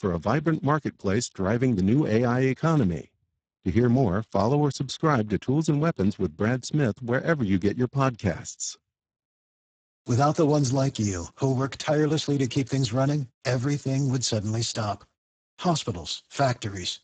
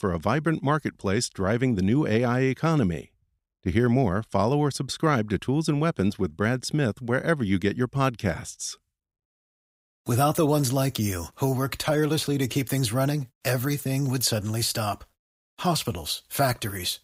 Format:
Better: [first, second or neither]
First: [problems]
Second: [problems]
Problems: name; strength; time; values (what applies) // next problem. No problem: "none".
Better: second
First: garbled, watery; badly; nothing above 7.5 kHz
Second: none